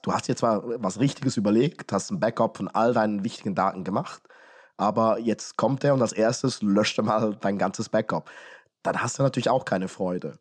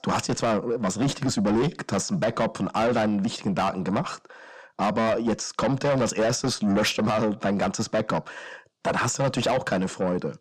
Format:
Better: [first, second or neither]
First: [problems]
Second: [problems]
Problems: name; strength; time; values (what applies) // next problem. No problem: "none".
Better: first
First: none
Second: distortion; heavy; 7 dB below the speech